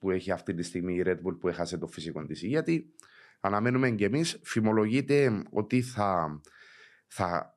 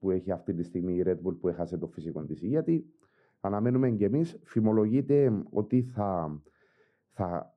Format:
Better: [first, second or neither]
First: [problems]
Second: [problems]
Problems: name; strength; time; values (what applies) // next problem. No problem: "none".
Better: first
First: none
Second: muffled; very; fading above 1 kHz